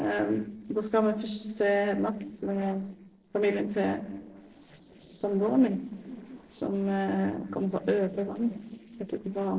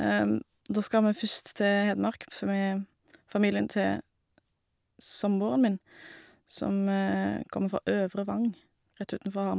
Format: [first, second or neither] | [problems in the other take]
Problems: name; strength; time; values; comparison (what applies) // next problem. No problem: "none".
second | noise reduction (neural separator model SepFormer DNS4)